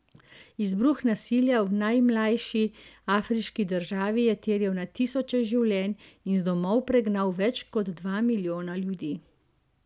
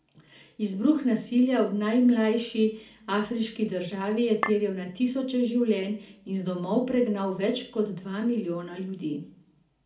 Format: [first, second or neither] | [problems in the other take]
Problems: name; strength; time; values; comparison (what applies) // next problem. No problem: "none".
first | background sound (Chink, clink); 6 dB below the speech // room echo; dies away in 0.4 s